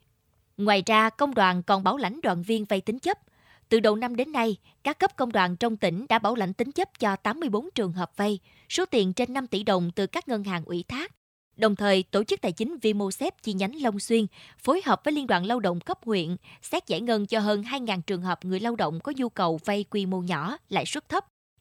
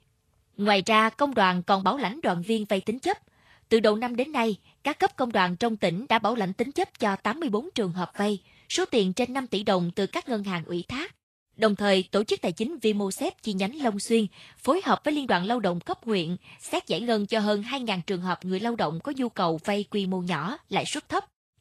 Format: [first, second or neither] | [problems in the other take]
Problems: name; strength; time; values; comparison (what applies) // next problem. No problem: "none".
first | garbled, watery; slightly; nothing above 12.5 kHz